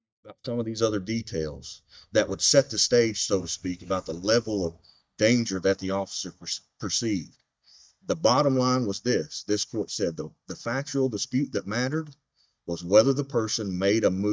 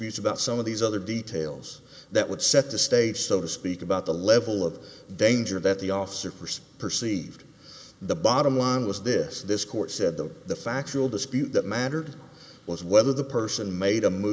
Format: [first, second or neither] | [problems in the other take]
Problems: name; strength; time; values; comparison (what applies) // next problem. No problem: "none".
second | noise reduction (neural mask model DeepFilterNet 3)